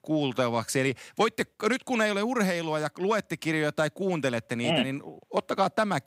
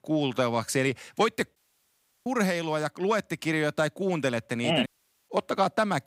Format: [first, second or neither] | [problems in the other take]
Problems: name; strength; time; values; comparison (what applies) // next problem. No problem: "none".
first | audio cutting out; at 1.5 s for 0.5 s and at 5 s